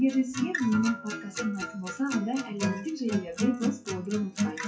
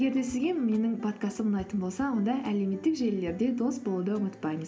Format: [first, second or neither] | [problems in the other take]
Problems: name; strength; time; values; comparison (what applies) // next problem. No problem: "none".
second | noise reduction (classical method WPE with log-MMSE)